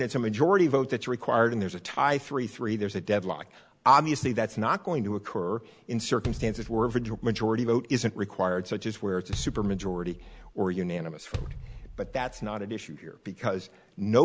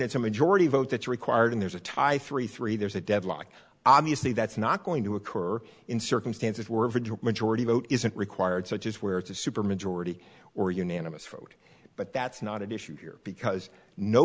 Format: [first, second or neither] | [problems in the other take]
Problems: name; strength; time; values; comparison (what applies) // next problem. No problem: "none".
second | background sound (Bass drum); 12 dB below the speech